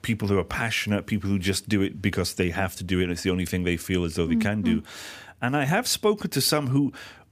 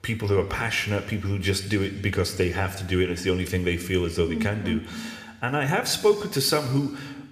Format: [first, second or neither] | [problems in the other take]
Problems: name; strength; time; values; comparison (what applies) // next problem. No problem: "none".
first | room echo; slight; dies away in 1.2 s